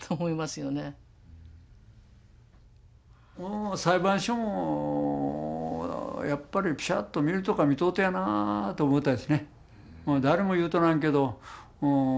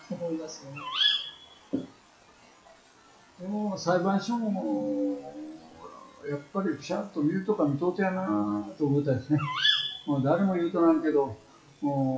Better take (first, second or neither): first